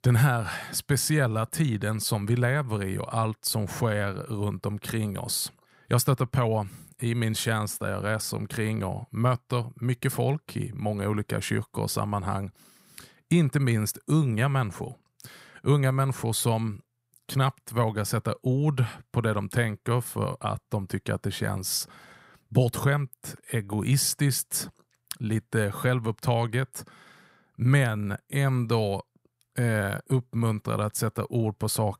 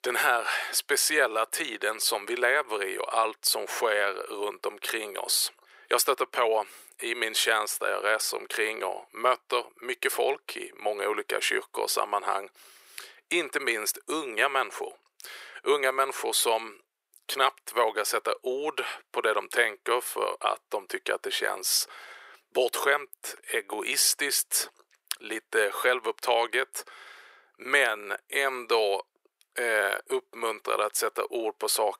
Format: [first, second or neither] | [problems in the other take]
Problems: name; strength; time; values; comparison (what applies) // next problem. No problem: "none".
first | thin; very; fading below 400 Hz